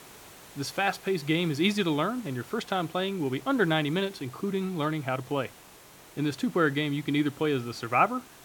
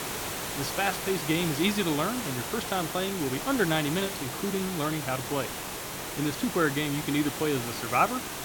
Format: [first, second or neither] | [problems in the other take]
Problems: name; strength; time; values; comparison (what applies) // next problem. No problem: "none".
first | hiss; loud; throughout; 4 dB below the speech; faint in the first